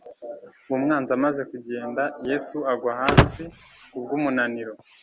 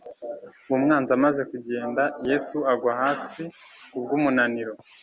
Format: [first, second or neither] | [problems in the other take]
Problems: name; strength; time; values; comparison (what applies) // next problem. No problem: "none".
second | background sound (Slam / Wood); 3 dB above the speech